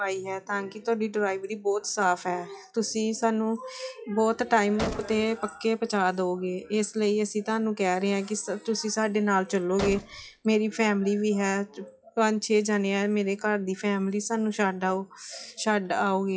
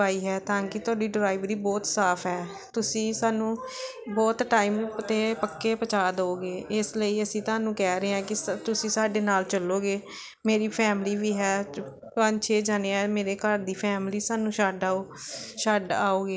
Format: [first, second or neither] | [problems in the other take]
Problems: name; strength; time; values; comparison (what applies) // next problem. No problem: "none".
second | noise reduction (classical method WPE with log-MMSE)